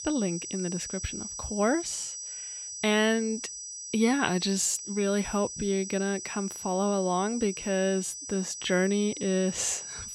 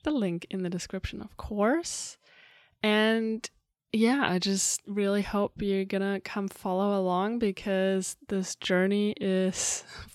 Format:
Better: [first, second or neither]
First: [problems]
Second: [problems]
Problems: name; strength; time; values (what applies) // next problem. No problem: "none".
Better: second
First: high-pitched whine; loud; throughout; 6 kHz, 8 dB below the speech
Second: none